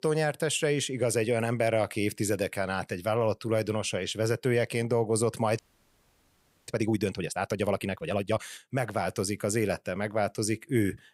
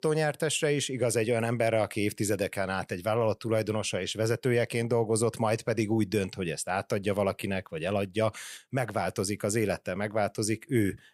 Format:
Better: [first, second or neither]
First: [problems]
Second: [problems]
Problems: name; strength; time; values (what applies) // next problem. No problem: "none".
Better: second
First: audio freezing; at 5.5 s for 1 s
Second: none